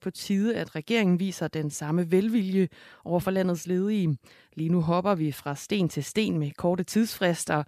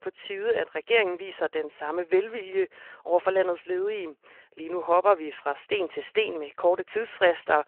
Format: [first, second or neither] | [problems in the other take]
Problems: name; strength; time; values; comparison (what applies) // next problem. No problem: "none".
first | phone-call audio